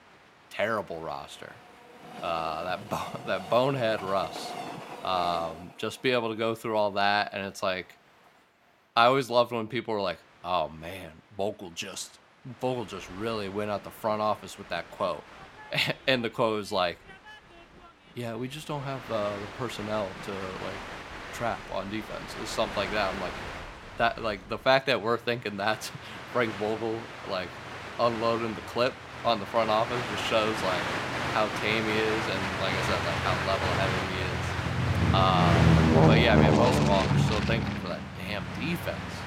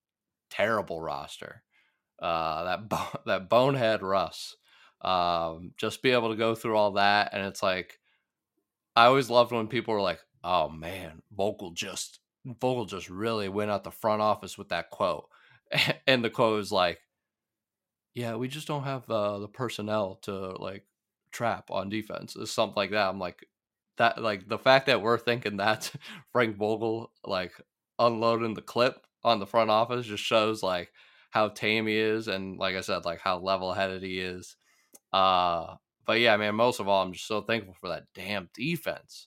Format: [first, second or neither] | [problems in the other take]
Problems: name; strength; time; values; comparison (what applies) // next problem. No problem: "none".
second | train or aircraft noise; loud; throughout; as loud as the speech